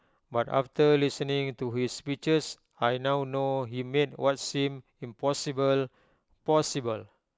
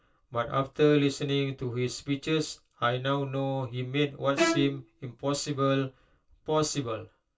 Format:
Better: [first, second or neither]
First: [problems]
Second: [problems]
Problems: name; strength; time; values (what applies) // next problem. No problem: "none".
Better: first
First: none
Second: background sound (Bowed string instrument); 3 dB below the speech // room echo; dies away in 0.2 s